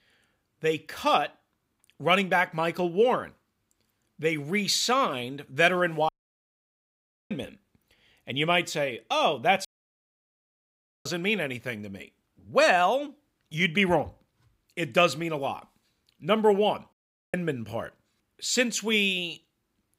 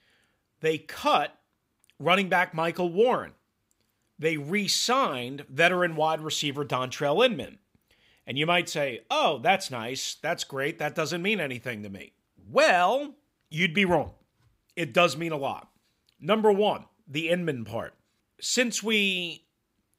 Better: second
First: audio cutting out; at 6 s for 1 s, at 9.5 s for 1.5 s and at 17 s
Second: none

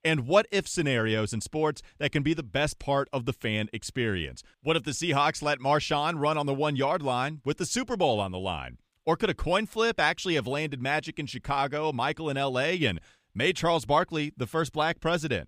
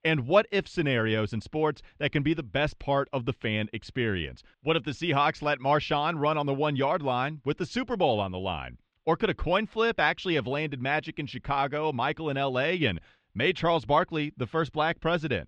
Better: first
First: none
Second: muffled; slightly; fading above 3.5 kHz

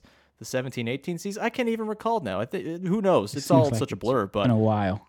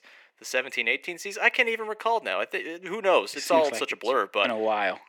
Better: first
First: none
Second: thin; very; fading below 400 Hz

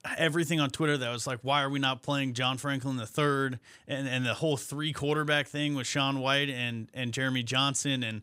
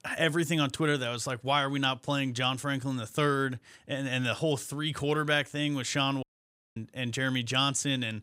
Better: first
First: none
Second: audio cutting out; at 6 s for 0.5 s

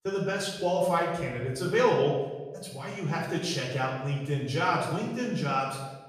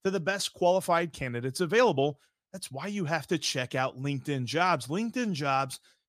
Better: second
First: room echo; noticeable; dies away in 1 s // off-mic speech; far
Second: none

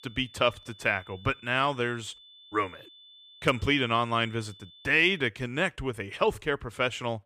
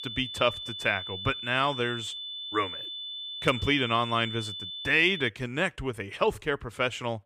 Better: first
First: high-pitched whine; faint; until 5.5 s; 3.5 kHz, 25 dB below the speech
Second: high-pitched whine; loud; until 5.5 s; 3.5 kHz, 7 dB below the speech

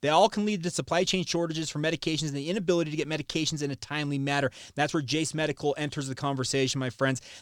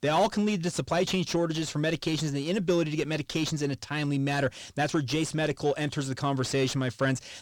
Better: first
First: none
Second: distortion; slight; 10 dB below the speech

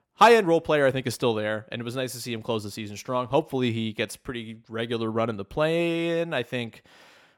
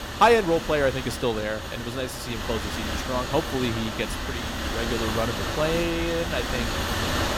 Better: first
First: none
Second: wind noise on the microphone; heavy; 4 dB below the speech

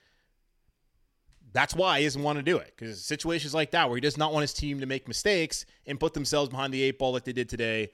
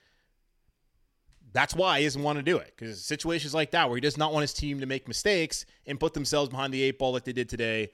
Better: neither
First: none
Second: none

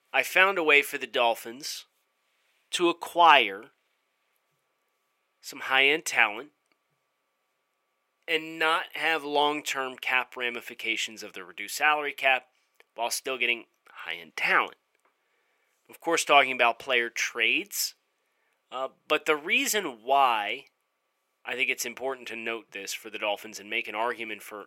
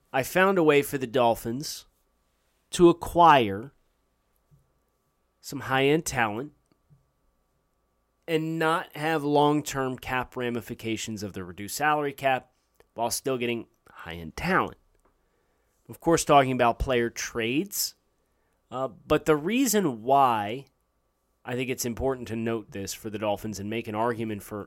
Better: second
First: thin; somewhat; fading below 450 Hz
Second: none

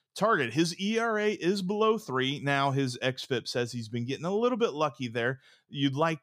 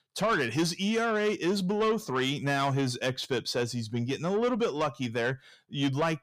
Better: first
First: none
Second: distortion; slight; 10 dB below the speech

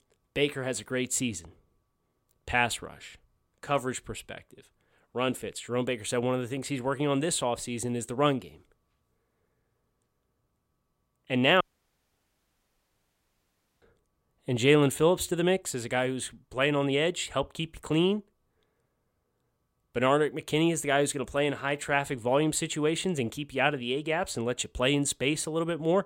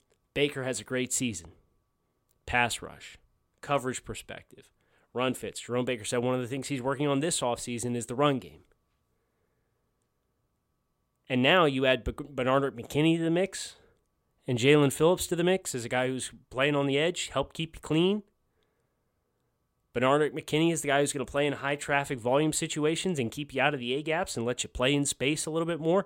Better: second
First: audio cutting out; at 12 s for 2 s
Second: none

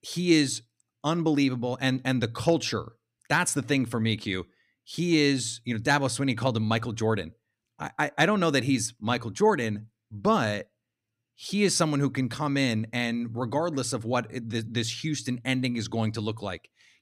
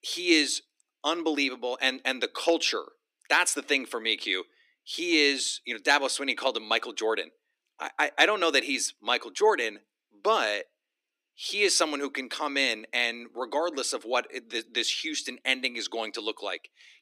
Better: first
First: none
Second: thin; somewhat; fading below 300 Hz

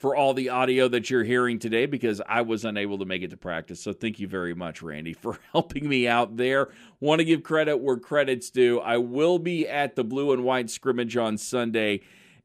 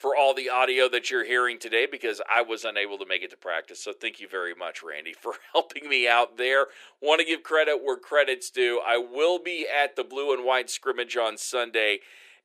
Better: first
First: none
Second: thin; very; fading below 400 Hz

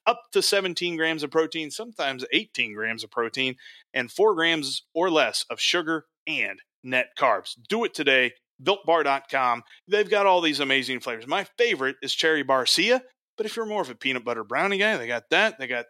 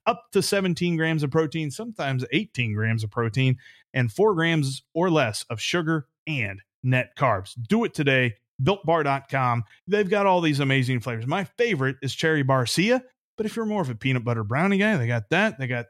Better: second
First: thin; somewhat; fading below 300 Hz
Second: none

